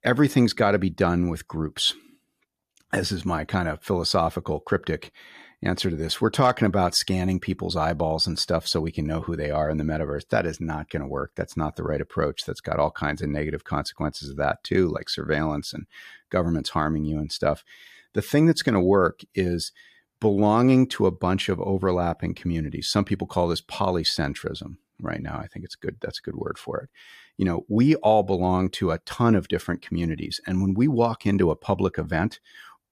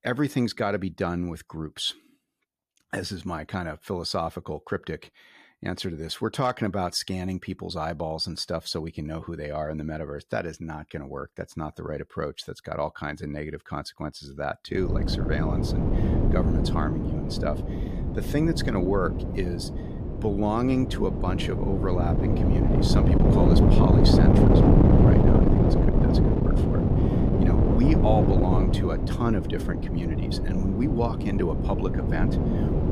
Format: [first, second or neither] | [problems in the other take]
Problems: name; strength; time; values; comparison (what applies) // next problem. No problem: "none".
first | wind noise on the microphone; heavy; from 15 s on; 2 dB above the speech